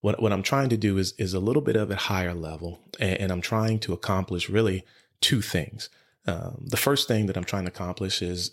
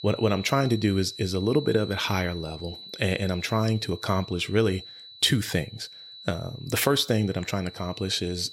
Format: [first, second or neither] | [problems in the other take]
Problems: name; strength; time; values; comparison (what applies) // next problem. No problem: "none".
first | high-pitched whine; noticeable; throughout; 4 kHz, 15 dB below the speech